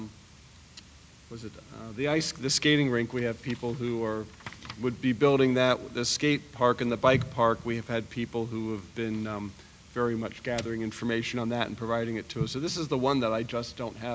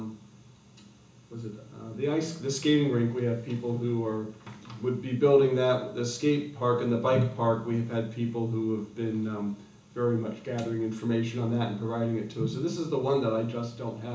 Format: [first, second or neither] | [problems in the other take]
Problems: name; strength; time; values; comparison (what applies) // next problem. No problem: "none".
first | room echo; dies away in 0.8 s